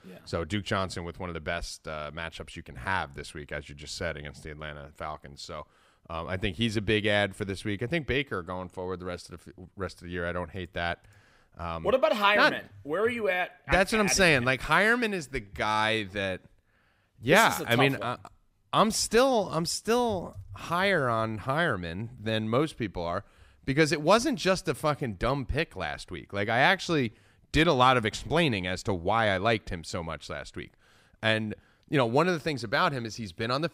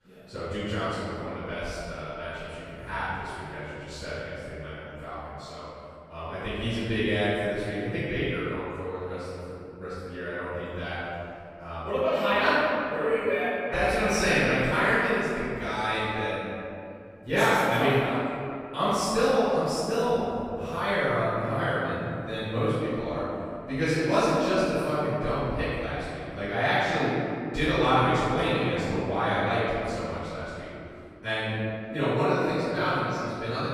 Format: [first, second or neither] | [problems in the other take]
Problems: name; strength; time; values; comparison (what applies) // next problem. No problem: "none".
first | room echo; strong; dies away in 2.4 s // off-mic speech; far